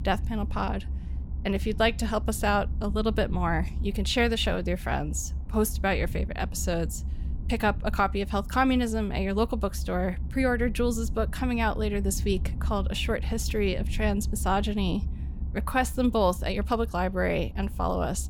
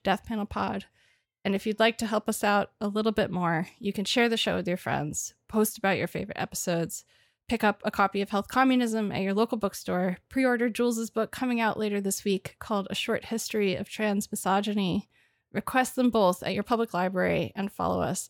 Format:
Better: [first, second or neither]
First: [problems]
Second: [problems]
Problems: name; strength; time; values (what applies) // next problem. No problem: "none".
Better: second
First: low rumble; faint; throughout; 20 dB below the speech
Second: none